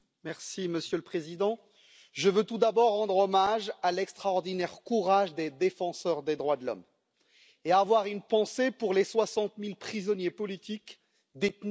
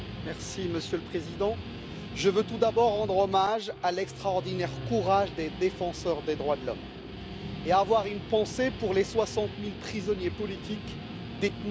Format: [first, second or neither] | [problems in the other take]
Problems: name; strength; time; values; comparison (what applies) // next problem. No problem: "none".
first | background sound (Guitar); 10 dB below the speech